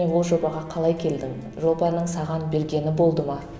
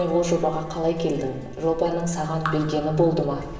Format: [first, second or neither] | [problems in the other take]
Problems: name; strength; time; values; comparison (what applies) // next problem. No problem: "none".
first | background sound (Raindrop / Drip); 17 dB below the speech // room echo; dies away in 1.3 s